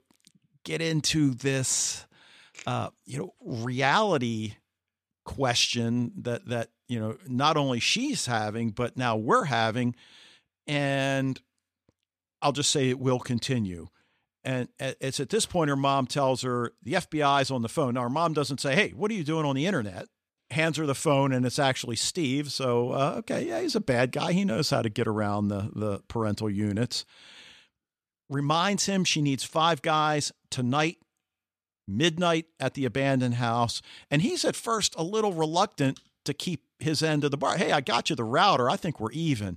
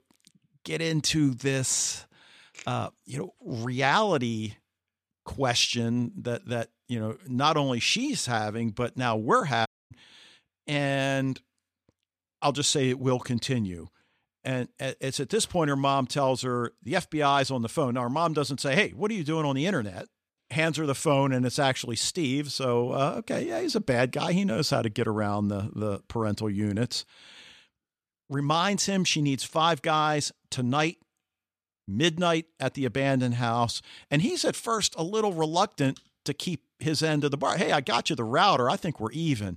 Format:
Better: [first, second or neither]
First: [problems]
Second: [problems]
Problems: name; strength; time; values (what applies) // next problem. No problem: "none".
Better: first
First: none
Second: audio cutting out; at 9.5 s